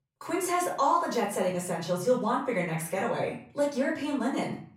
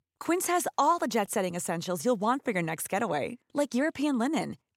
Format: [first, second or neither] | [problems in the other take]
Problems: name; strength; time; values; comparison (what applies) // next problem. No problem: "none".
second | off-mic speech; far // room echo; slight; dies away in 0.5 s